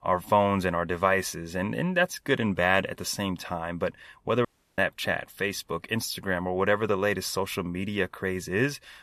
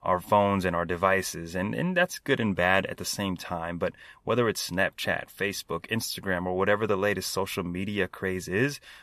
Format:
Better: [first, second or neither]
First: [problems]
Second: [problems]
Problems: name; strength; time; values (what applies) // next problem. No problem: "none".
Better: second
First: audio cutting out; at 4.5 s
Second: none